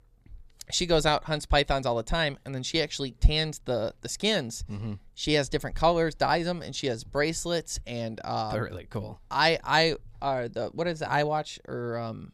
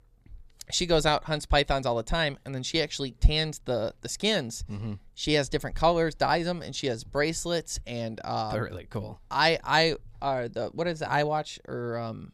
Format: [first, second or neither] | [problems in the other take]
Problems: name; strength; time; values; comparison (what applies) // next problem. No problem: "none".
neither | none